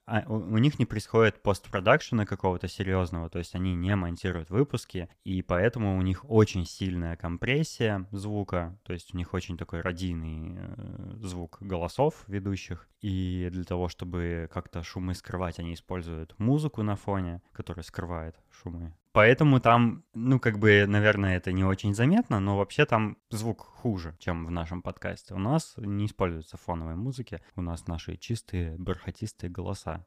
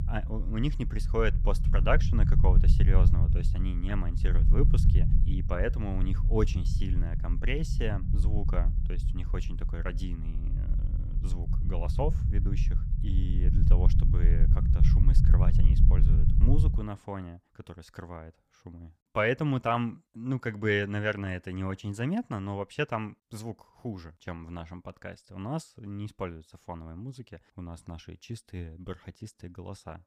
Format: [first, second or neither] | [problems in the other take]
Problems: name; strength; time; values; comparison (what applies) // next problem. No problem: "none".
first | low rumble; loud; until 17 s; 8 dB below the speech